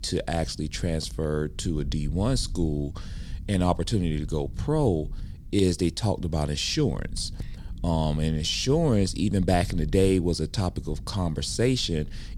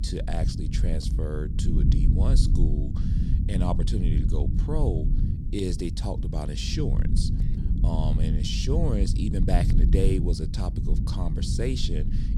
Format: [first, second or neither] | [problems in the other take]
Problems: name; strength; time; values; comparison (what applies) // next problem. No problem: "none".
first | low rumble; loud; throughout; 5 dB below the speech; faint in the first